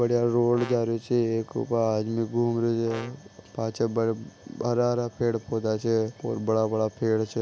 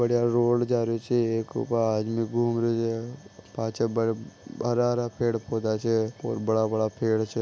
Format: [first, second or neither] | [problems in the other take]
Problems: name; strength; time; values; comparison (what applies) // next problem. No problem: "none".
second | background sound (Brass instrument); 18 dB below the speech